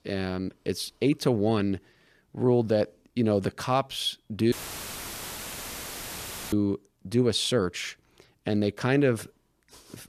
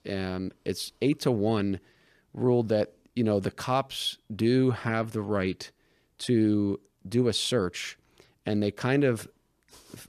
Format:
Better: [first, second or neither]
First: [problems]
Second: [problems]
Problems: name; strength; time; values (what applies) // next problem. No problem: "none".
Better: second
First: audio cutting out; filled with static; at 4.5 s for 2 s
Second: none